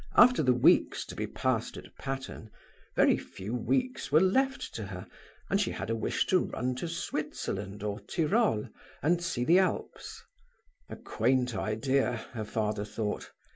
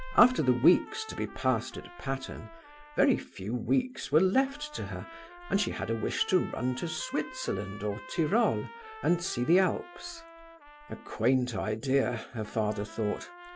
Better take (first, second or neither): first